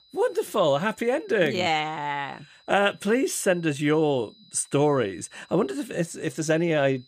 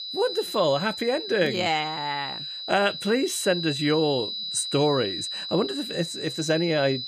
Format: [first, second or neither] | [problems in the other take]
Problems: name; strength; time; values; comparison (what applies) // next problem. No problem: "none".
first | high-pitched whine; loud; throughout; 4 kHz, 6 dB below the speech; faint in the first